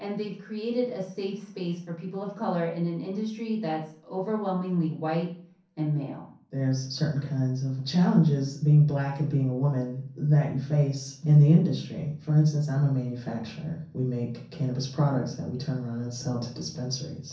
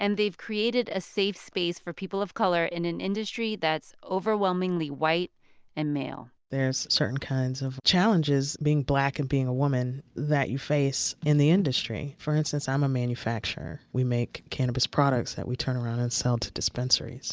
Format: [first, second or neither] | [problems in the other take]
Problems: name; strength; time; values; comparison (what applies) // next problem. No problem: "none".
second | room echo; dies away in 0.6 s